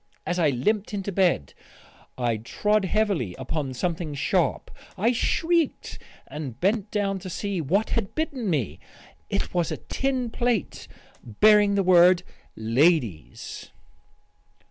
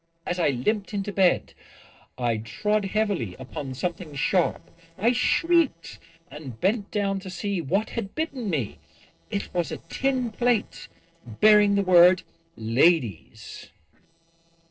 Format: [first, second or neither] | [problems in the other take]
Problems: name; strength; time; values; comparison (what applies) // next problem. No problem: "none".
first | noise reduction (neural separator model SepFormer DNS4)